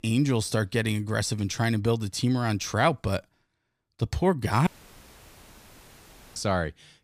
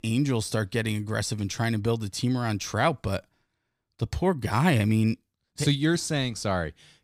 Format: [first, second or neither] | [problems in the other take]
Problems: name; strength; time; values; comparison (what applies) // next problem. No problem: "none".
second | audio cutting out; at 4.5 s for 1.5 s